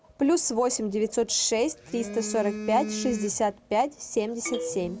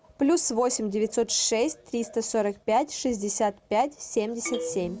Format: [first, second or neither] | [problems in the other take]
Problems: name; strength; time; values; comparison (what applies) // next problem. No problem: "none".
second | background sound (Telephone); 12 dB below the speech